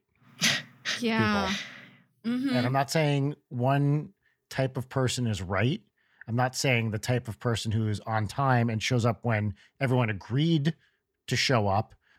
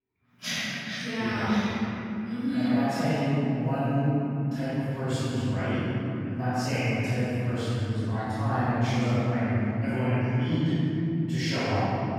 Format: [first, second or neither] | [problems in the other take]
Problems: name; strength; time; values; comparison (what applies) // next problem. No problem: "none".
first | off-mic speech; far // room echo; strong; dies away in 3 s